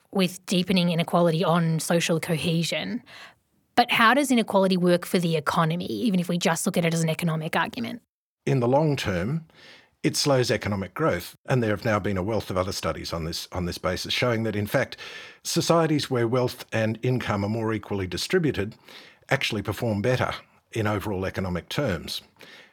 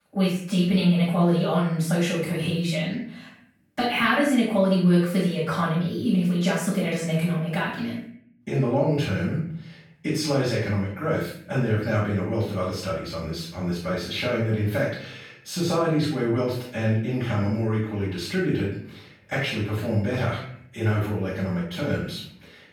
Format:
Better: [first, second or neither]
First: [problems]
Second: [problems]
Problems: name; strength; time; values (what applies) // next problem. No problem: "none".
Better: first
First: none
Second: off-mic speech; far // room echo; noticeable; dies away in 0.6 s